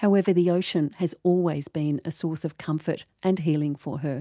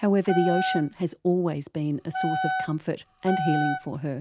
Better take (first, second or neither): first